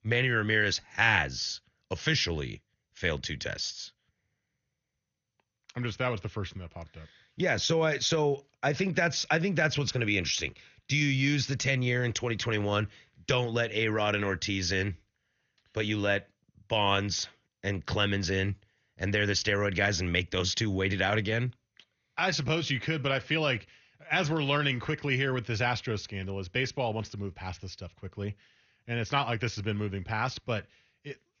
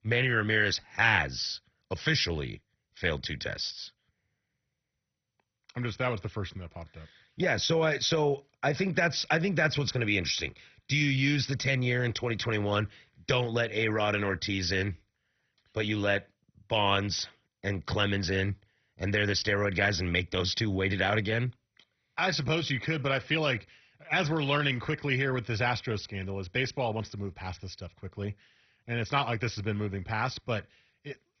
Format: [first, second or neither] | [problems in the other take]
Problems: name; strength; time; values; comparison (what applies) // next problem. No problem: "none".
first | garbled, watery; badly; nothing above 6 kHz; slightly in the first